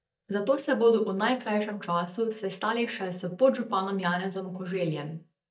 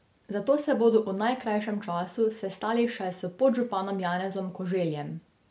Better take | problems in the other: second | noise reduction (neural mask model DeepFilterNet 3)

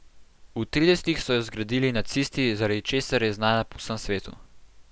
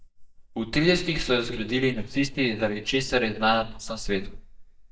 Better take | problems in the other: first | noise reduction (neural mask model DeepFilterNet 3)

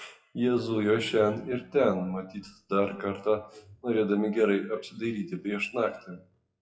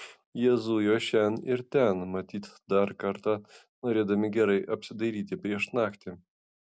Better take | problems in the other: second | noise reduction (classical method WPE with log-MMSE)

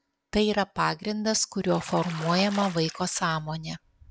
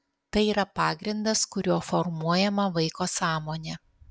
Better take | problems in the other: second | background sound (Bathtub (filling or washing)); 15 dB below the speech

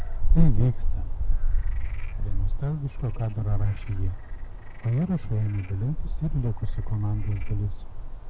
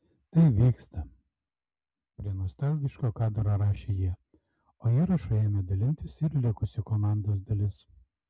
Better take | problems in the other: second | background sound (Frog); 5 dB above the speech

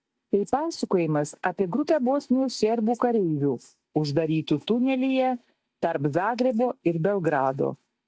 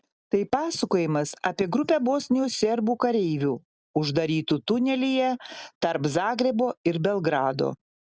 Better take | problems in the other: second | noise reduction (neural mask model DeepFilterNet 3)

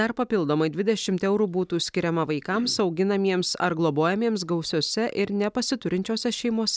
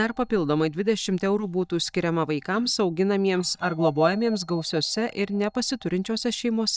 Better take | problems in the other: first | noise reduction (neural mask model DeepFilterNet 3)

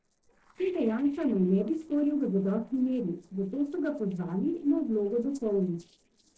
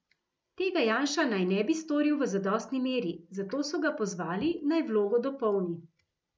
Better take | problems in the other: second | noise reduction (neural separator model SepFormer DNS4)

